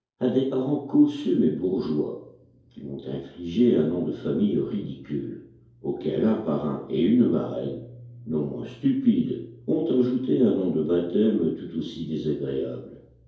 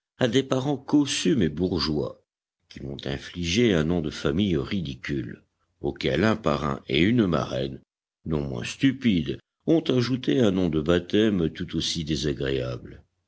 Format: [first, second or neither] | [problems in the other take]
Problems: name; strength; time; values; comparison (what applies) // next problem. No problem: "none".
second | room echo; dies away in 2.4 s